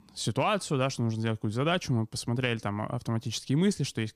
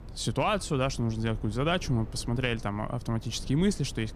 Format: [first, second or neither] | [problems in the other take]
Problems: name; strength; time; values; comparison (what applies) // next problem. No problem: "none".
first | low rumble; faint; throughout; 20 dB below the speech